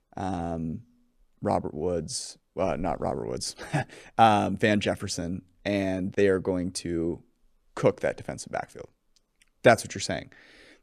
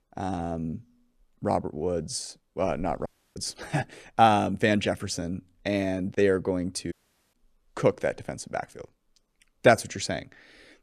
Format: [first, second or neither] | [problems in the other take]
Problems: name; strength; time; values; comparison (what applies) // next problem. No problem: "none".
first | audio cutting out; at 3 s and at 7 s